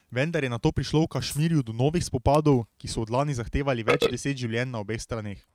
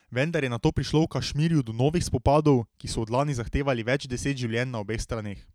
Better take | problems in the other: second | noise reduction (neural mask model RNNoise)

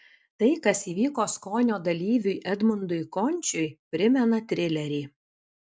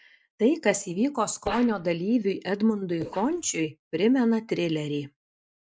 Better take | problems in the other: first | noise reduction (neural mask model Resemble Enhance denoiser)

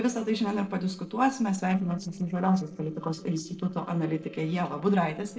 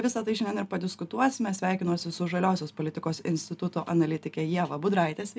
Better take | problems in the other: second | noise reduction (neural separator model SepFormer DNS4)

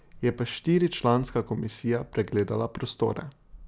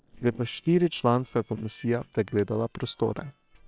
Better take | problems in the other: first | noise reduction (neural separator model SepFormer WHAM!)

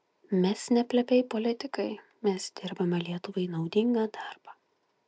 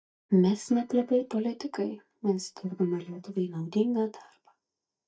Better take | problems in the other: first | noise reduction (neural mask model DeepFilterNet 3)

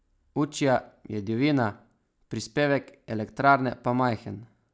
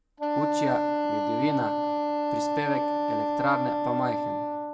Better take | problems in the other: first | background sound (Wind instrument, woodwind instrument); 4 dB above the speech // room echo; dies away in 0.5 s

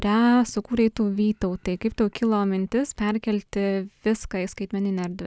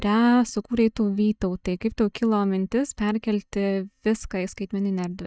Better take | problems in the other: first | noise reduction (neural mask model DeepFilterNet 3)

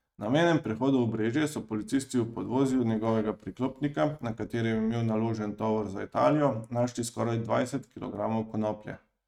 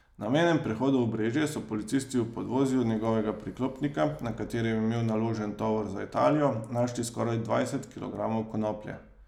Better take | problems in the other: second | noise reduction (neural mask model RNNoise)

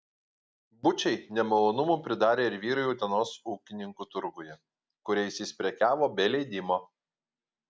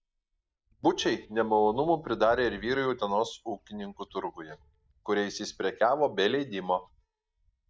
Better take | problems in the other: first | noise reduction (neural mask model DeepFilterNet 3)

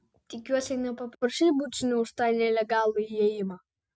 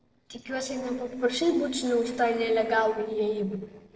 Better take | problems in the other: first | noise reduction (neural separator model SepFormer DNS4)

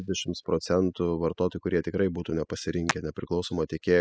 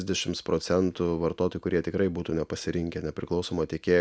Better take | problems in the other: second | noise reduction (classical method spectral subtraction)

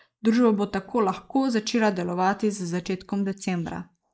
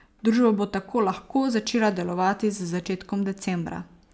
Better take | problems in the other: second | noise reduction (neural mask model Resemble Enhance denoiser)

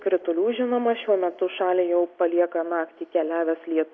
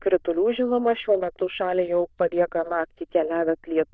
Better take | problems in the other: first | noise reduction (neural diffusion model UNIVERSE++)

